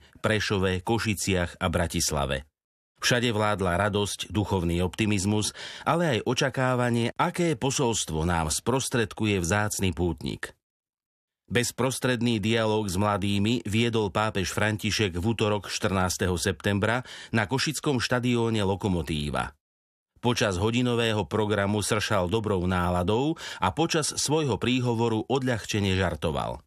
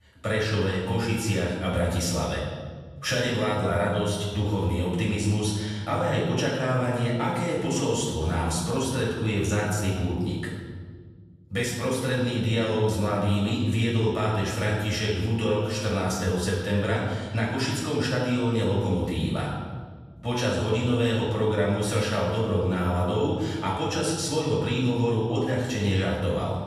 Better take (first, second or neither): first